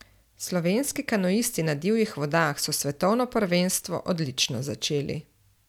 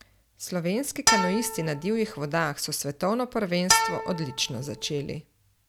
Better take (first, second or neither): first